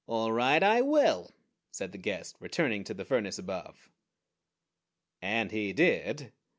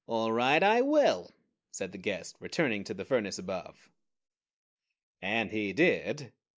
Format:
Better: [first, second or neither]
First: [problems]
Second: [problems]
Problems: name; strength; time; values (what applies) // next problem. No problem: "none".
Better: first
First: none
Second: noise reduction (neural mask model Resemble Enhance denoiser)